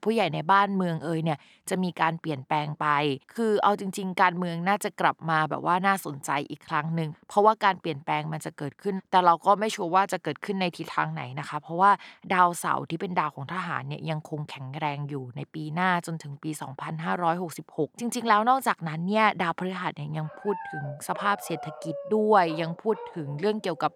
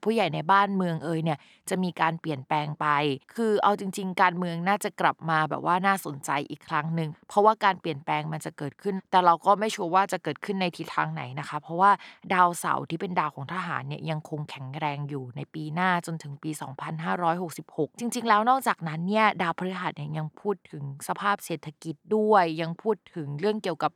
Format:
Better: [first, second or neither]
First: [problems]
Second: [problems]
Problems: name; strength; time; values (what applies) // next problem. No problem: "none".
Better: second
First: dog barking; faint; from 20 s on; peak 10 dB below the speech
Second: none